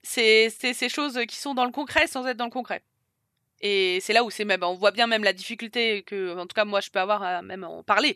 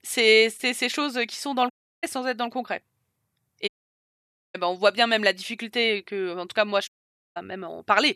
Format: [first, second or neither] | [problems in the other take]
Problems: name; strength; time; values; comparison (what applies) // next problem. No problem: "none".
first | audio cutting out; at 1.5 s, at 3.5 s for 1 s and at 7 s